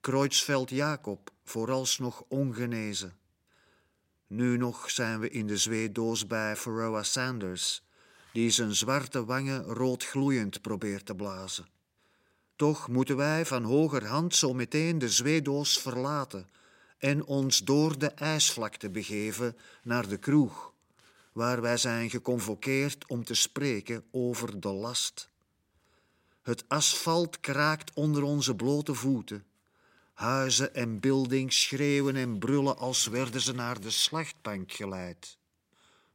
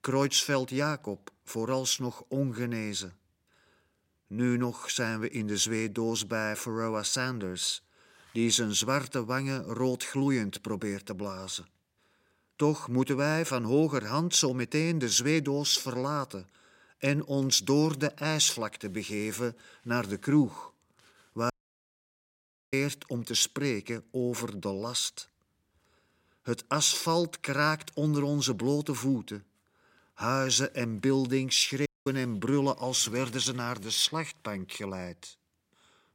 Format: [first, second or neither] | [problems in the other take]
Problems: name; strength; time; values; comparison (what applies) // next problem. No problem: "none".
first | audio cutting out; at 22 s for 1 s and at 32 s